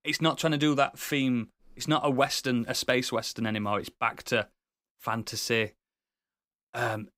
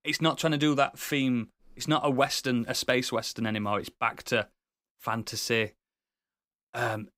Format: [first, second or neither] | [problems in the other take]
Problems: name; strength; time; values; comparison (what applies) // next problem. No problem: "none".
neither | none